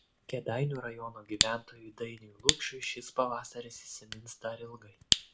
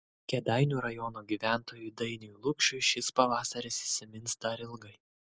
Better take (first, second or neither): second